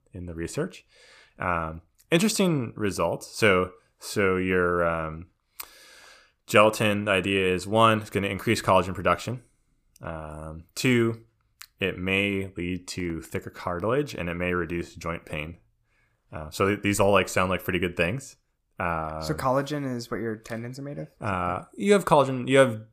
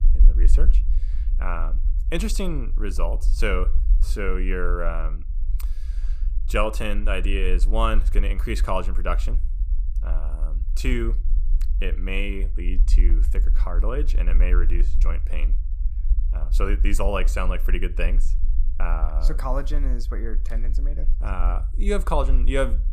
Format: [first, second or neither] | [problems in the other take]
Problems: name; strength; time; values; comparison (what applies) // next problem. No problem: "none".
first | low rumble; noticeable; throughout; 20 dB below the speech